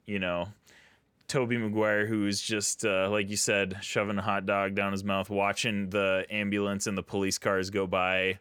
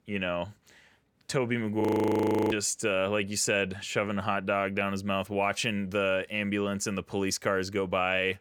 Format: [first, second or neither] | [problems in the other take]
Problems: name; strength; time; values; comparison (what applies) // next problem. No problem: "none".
first | audio freezing; at 2 s for 0.5 s